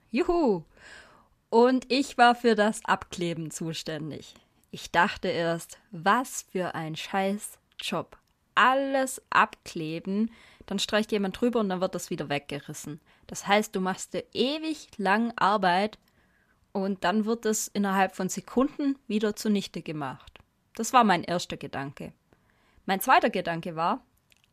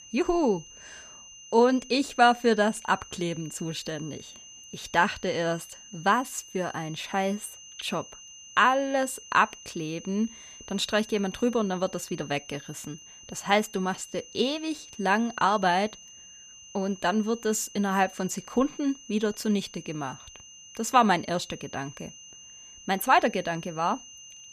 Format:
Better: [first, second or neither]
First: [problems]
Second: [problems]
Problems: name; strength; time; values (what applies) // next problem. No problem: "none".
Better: first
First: none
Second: high-pitched whine; noticeable; throughout; 6 kHz, 20 dB below the speech